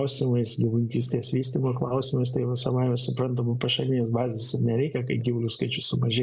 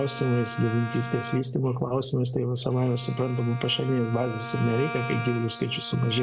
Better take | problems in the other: first | background sound (Bowed string instrument); 12 dB below the speech

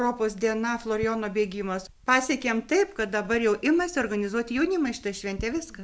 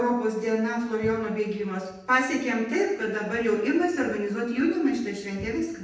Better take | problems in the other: first | room echo; dies away in 0.8 s

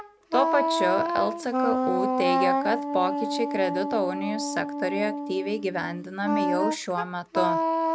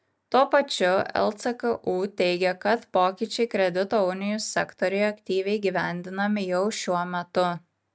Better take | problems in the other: second | background sound (Wind instrument, woodwind instrument); 1 dB above the speech

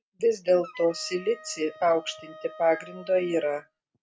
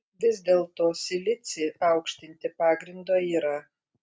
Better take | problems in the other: second | background sound (Wind instrument, woodwind instrument); 20 dB below the speech

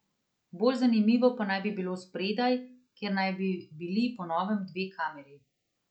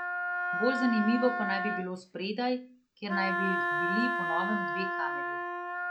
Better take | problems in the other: first | background sound (Wind instrument, woodwind instrument); as loud as the speech

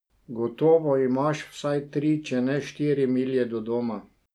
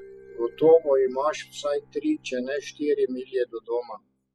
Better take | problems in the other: first | noise reduction (classical method spectral subtraction)

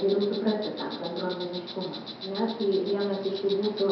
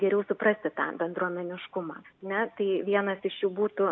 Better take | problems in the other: second | background sound (Insect); 12 dB below the speech // room echo; dies away in 0.9 s

